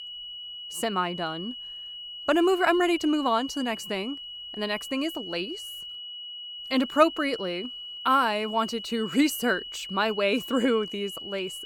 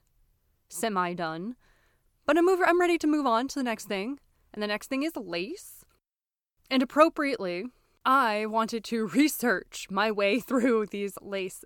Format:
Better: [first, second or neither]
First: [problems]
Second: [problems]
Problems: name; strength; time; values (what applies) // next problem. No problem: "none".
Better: second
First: high-pitched whine; loud; throughout; 3 kHz, 10 dB below the speech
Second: none